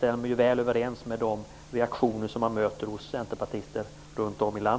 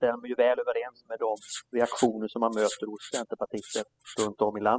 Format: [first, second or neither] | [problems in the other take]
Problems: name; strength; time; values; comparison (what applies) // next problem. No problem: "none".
first | noise reduction (classical method spectral subtraction)